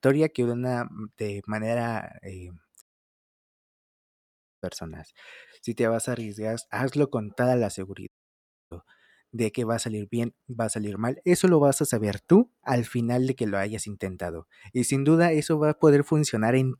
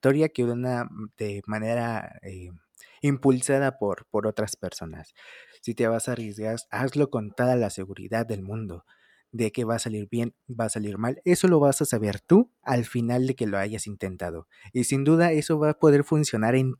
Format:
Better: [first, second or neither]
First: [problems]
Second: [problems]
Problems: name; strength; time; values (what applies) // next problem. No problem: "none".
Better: second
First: audio cutting out; at 3 s for 2 s and at 8 s for 0.5 s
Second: none